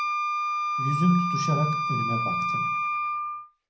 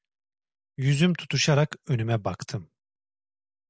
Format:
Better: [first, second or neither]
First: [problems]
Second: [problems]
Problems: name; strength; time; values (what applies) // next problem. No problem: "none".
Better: second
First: background sound (Wind instrument, woodwind instrument); 2 dB above the speech // room echo; dies away in 0.6 s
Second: none